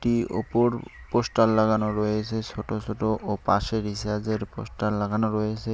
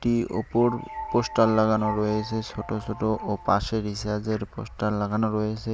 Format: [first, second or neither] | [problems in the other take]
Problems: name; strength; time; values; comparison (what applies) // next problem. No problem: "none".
first | background sound (Piano); 12 dB below the speech